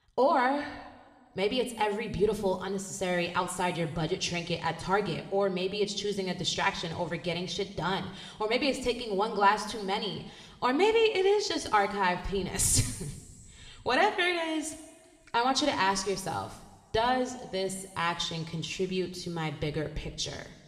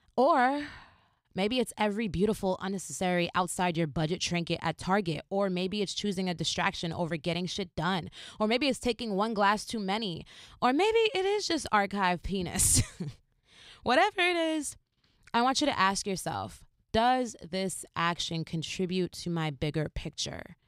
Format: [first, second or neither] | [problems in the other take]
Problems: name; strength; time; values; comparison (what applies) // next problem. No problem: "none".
second | room echo; slight; dies away in 1.4 s